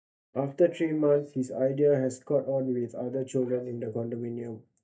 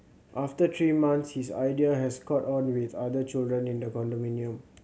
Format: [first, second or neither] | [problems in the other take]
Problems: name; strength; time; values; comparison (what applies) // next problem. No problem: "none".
second | noise reduction (neural mask model DeepFilterNet 3)